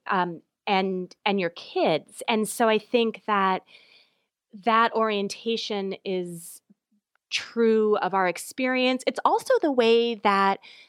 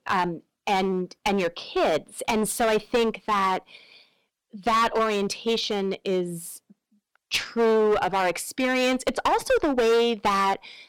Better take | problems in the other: first | distortion; heavy; 11% of the sound clipped

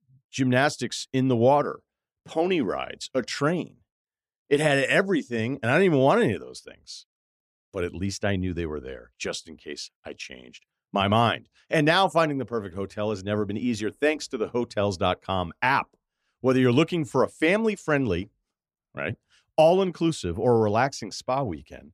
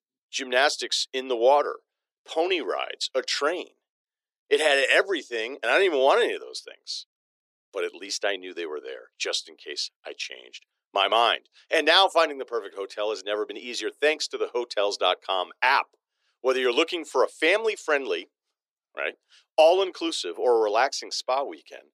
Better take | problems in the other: first | thin; very; fading below 350 Hz

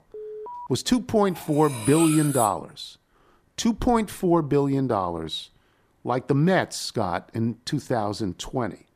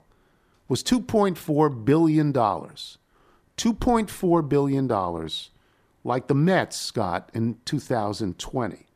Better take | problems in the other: second | alarm; faint; at the start; peak 15 dB below the speech // clattering dishes; noticeable; from 1.5 to 2.5 s; peak 4 dB below the speech

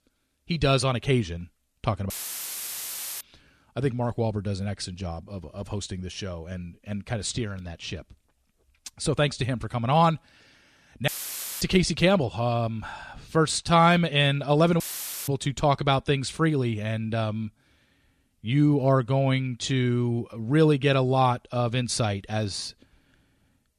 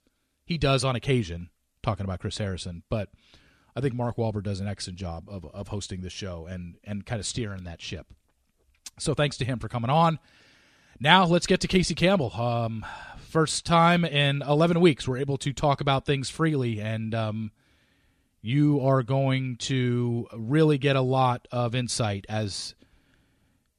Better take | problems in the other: second | audio cutting out; filled with static; at 2 s for 1 s, at 11 s for 0.5 s and at 15 s

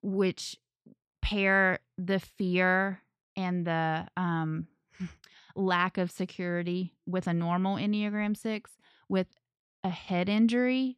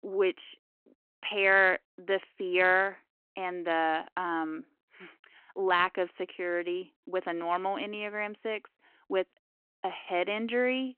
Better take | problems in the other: first | phone-call audio

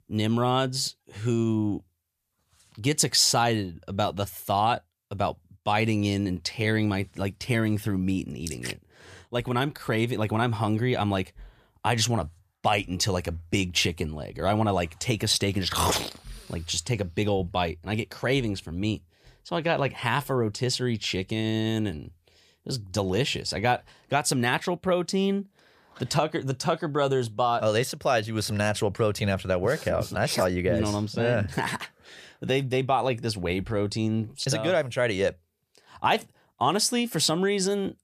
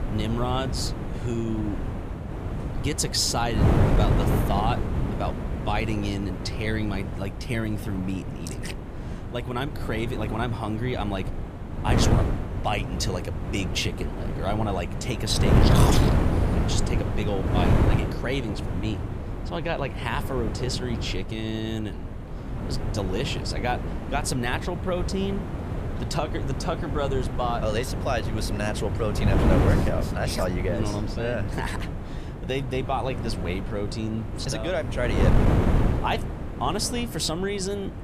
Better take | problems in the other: first | wind noise on the microphone; heavy; 4 dB below the speech

